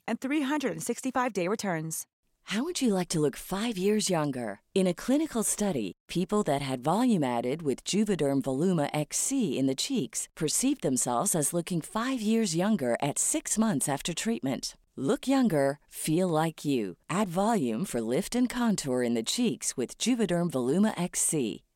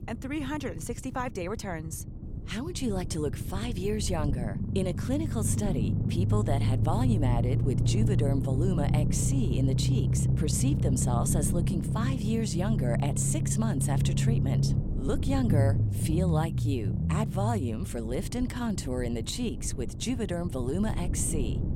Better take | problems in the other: first | low rumble; loud; throughout; 5 dB below the speech

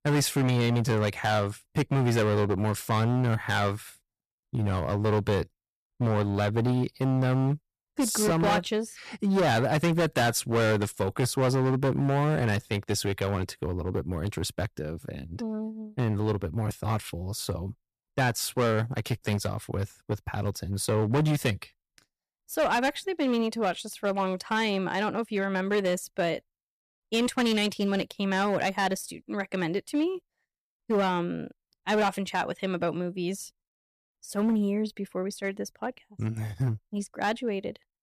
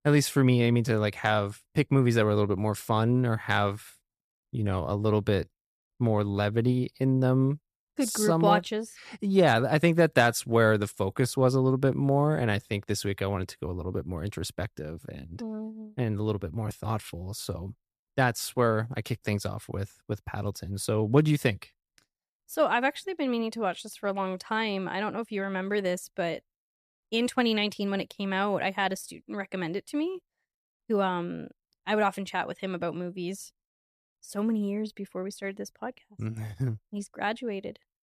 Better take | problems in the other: second | distortion; heavy; 9% of the sound clipped

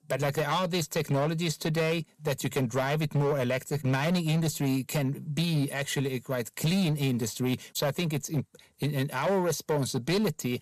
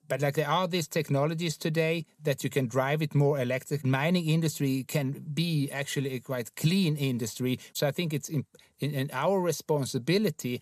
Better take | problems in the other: second | distortion; slight; 12% of the sound clipped

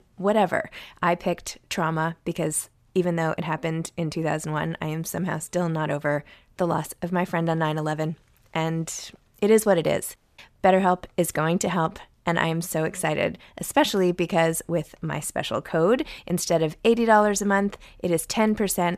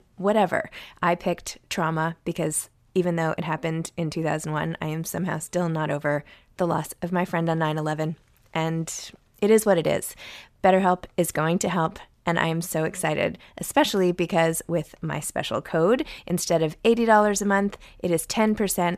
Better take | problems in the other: second | audio cutting out; at 10 s

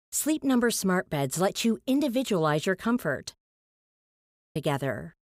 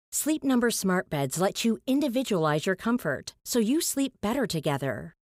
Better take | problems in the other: second | audio cutting out; at 3.5 s for 1 s

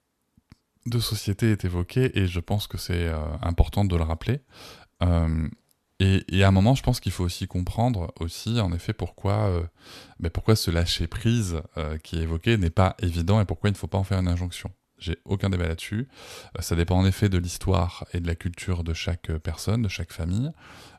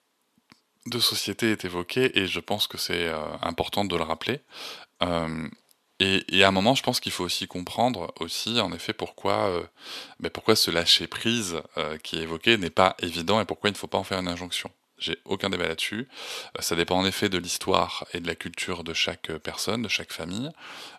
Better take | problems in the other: first | thin; somewhat; fading below 300 Hz

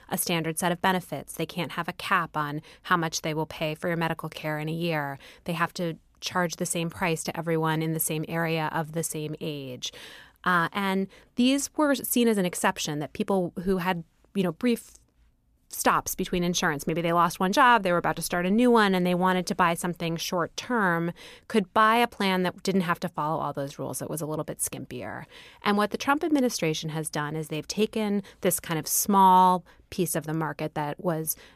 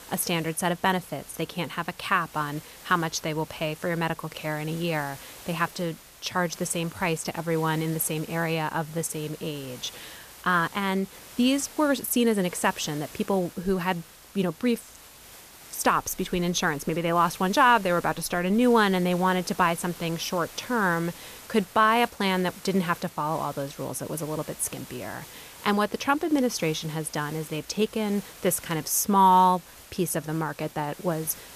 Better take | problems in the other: first | hiss; noticeable; throughout; 20 dB below the speech

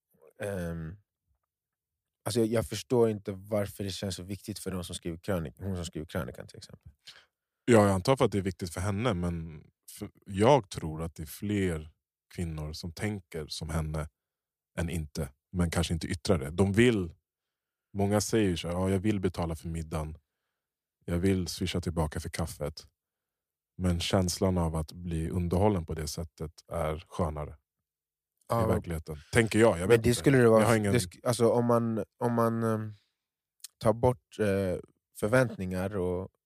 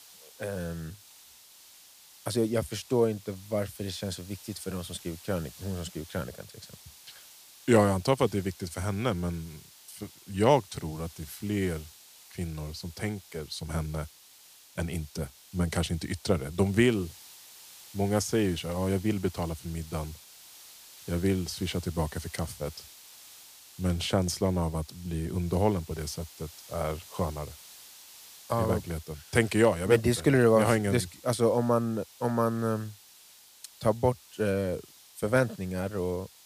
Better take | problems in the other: first | hiss; noticeable; throughout; 20 dB below the speech

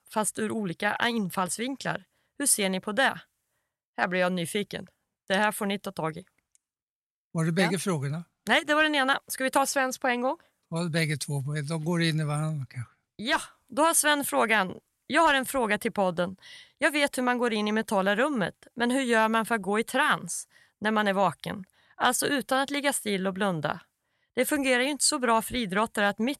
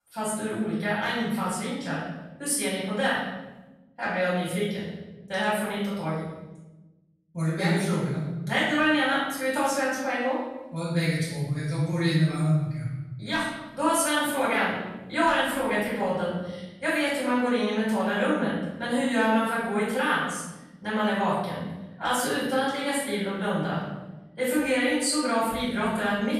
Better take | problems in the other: first | room echo; strong; dies away in 1.2 s // off-mic speech; far

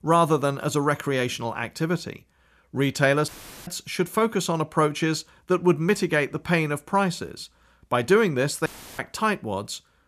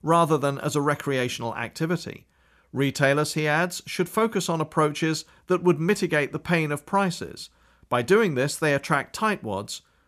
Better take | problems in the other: second | audio cutting out; filled with static; at 3.5 s and at 8.5 s

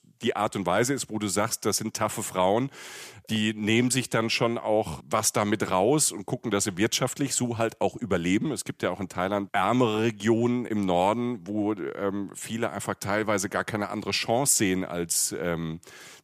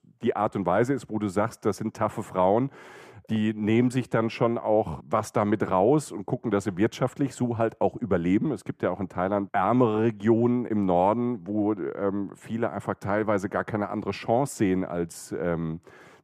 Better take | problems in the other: first | muffled; very; fading above 2 kHz

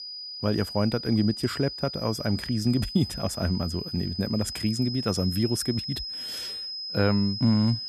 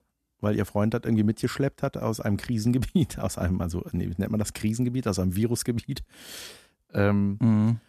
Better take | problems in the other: second | high-pitched whine; loud; throughout; 5 kHz, 6 dB below the speech

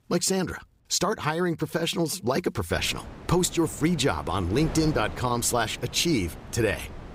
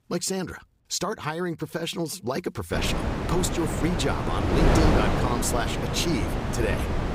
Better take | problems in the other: first | wind noise on the microphone; heavy; from 2.5 s on; 1 dB above the speech; occasional gusts in the first

